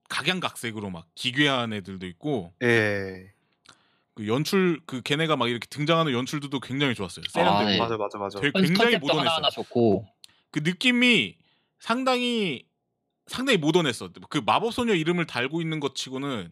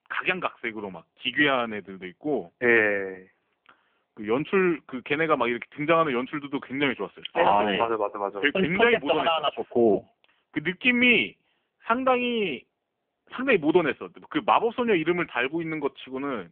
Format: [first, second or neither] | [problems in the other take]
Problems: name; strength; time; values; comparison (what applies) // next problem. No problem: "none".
first | phone-call audio; poor line; nothing above 3 kHz